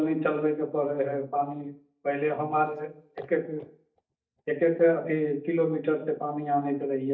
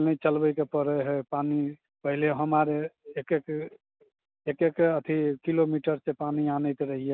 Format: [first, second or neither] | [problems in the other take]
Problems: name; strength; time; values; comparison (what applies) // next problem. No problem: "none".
second | noise reduction (neural mask model DeepFilterNet 3)